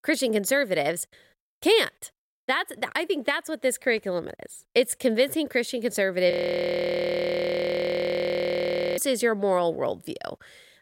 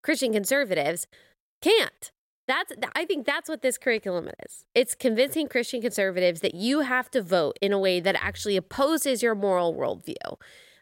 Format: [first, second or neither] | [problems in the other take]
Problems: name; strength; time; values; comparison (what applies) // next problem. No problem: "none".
second | audio freezing; at 6.5 s for 2.5 s